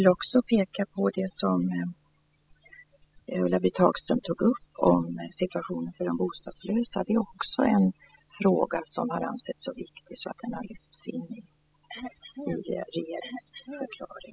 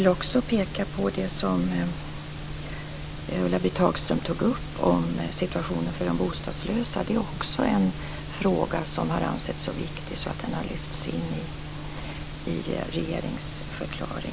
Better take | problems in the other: second | noise reduction (classical method spectral subtraction)

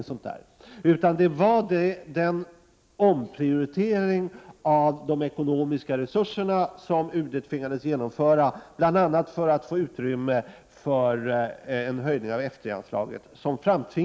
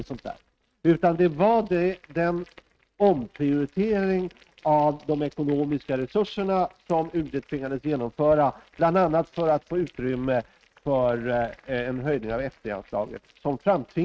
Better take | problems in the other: first | noise reduction (neural mask model RNNoise)

